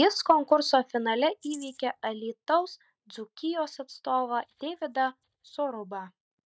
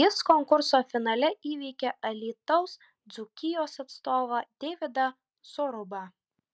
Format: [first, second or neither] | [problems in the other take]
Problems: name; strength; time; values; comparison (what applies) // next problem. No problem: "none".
second | noise reduction (neural mask model DeepFilterNet 3)